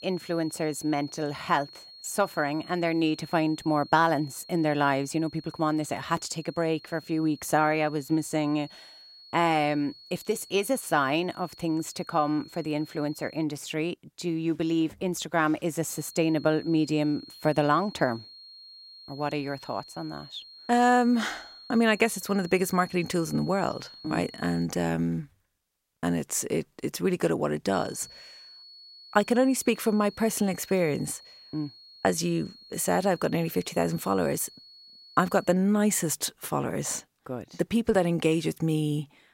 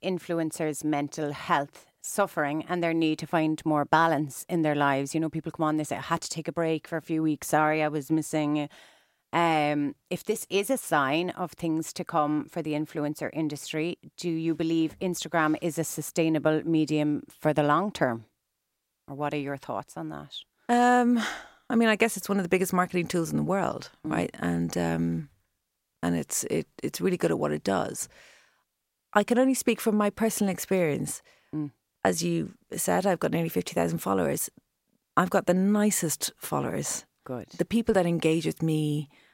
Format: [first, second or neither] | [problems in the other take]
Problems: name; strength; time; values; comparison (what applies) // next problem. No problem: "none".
second | high-pitched whine; noticeable; until 13 s, from 16 to 25 s and from 28 to 36 s; 4.5 kHz, 20 dB below the speech